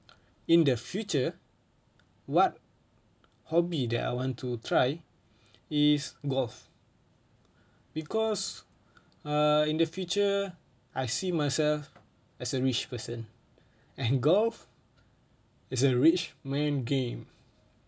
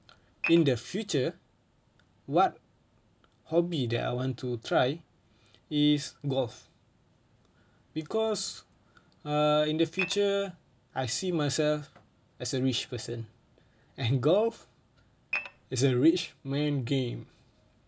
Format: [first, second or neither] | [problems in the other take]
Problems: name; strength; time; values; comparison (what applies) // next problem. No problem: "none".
first | background sound (Dishes, pots, and pans / Glass); 5 dB below the speech